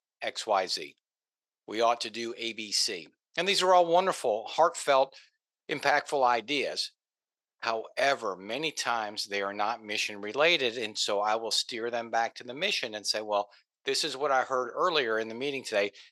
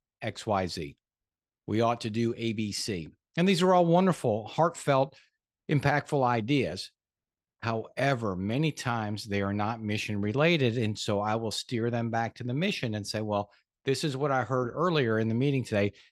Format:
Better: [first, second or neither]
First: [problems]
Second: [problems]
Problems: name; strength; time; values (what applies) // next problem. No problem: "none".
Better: second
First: thin; very; fading below 600 Hz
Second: none